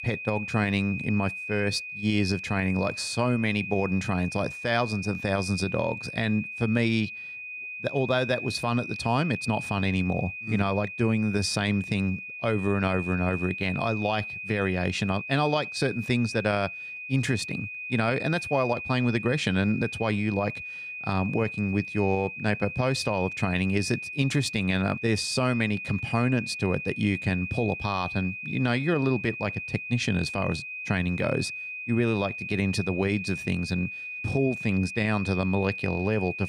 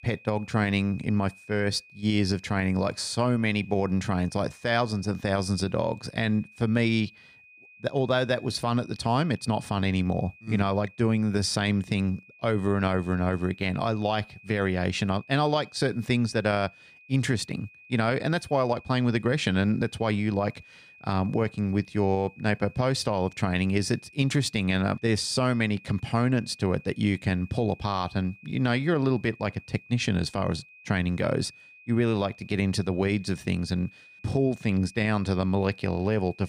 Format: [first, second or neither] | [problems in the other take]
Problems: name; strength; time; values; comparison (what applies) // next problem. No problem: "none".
second | high-pitched whine; loud; throughout; 2.5 kHz, 7 dB below the speech; faint in the second